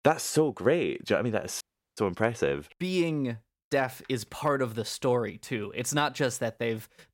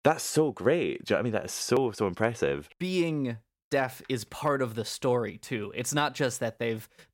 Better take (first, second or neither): second